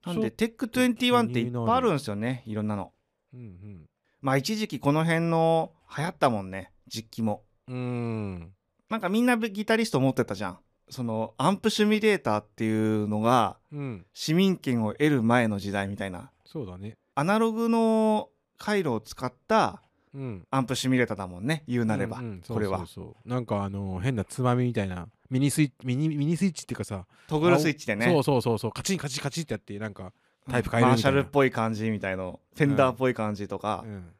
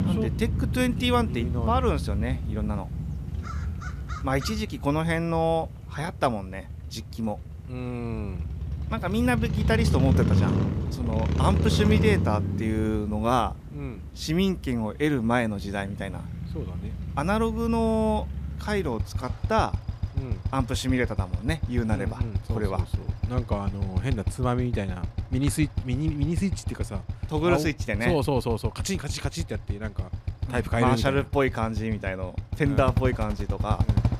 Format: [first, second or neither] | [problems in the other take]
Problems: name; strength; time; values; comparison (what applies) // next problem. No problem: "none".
first | traffic noise; loud; throughout; 3 dB below the speech